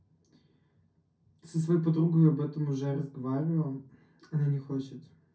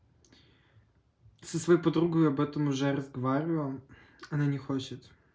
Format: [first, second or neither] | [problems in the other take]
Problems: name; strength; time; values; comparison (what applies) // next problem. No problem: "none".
second | room echo; dies away in 0.3 s